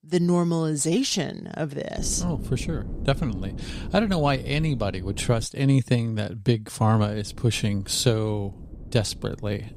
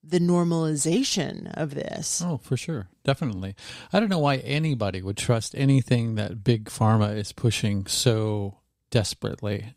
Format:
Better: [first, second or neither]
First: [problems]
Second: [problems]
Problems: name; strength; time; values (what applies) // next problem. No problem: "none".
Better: second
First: wind noise on the microphone; occasional gusts; from 2 to 5.5 s and from 7 s on; 20 dB below the speech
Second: none